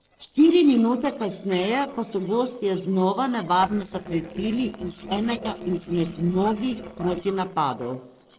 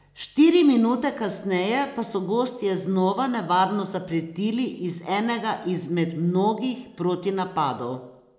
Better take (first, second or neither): second